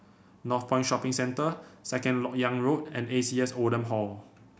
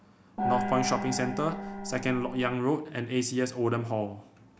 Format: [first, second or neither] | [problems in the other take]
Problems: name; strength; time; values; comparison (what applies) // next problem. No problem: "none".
first | background sound (Gong); 2 dB below the speech